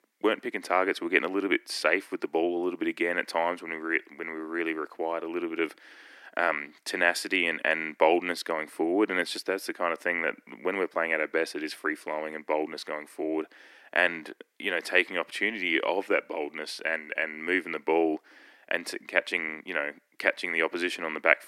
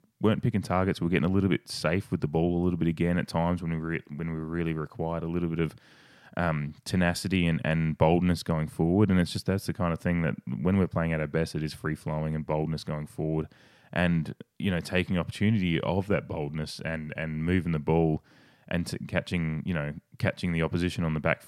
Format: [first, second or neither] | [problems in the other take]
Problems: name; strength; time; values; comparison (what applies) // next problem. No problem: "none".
second | thin; very; fading below 300 Hz